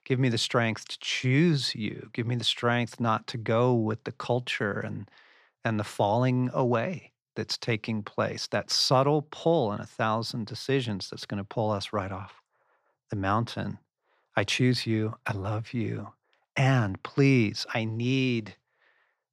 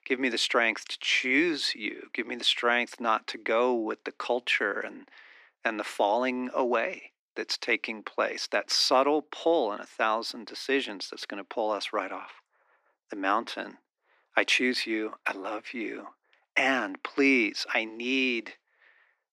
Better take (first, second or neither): first